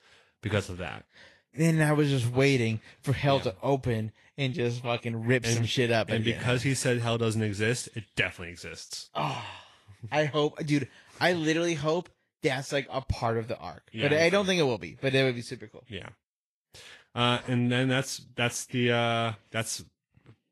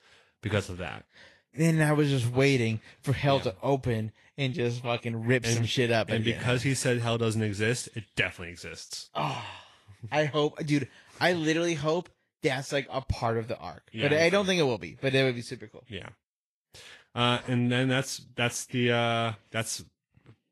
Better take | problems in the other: neither | garbled, watery; slightly; nothing above 11.5 kHz; the same in both

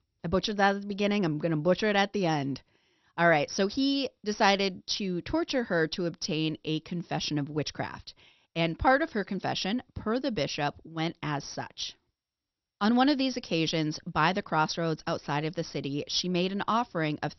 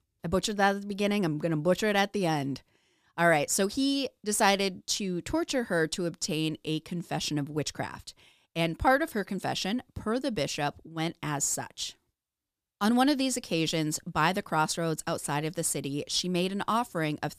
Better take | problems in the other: second | garbled, watery; slightly; nothing above 6 kHz

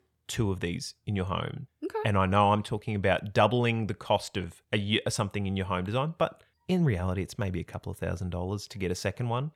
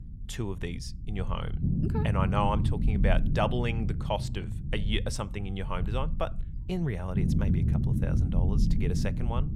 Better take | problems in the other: first | low rumble; loud; throughout; 6 dB below the speech

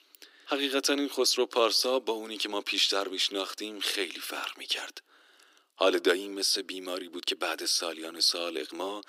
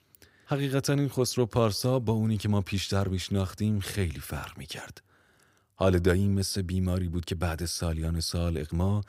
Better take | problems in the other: second | thin; somewhat; fading below 300 Hz

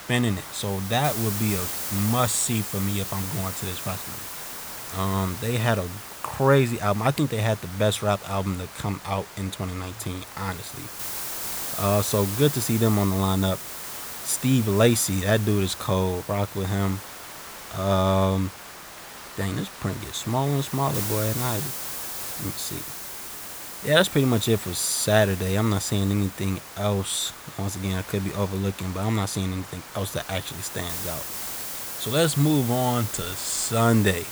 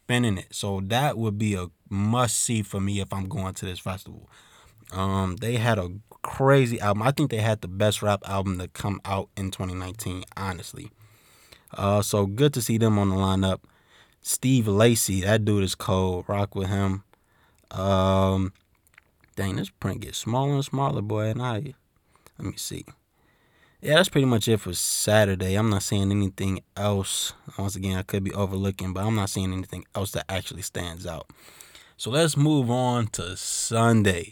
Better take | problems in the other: second | hiss; loud; throughout; 8 dB below the speech

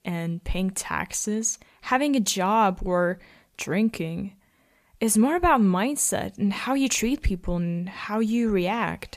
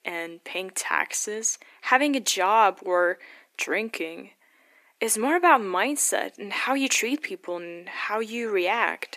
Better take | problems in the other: first | thin; somewhat; fading below 300 Hz

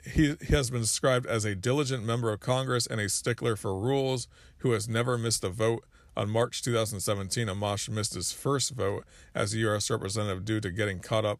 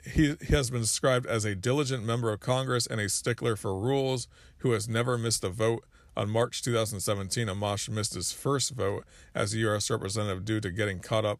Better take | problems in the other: neither | none

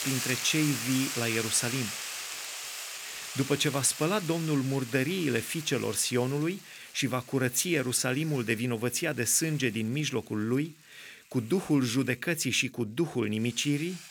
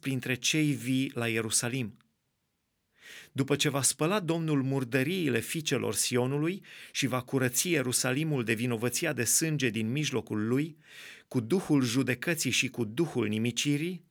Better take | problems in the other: second | hiss; loud; throughout; 8 dB below the speech

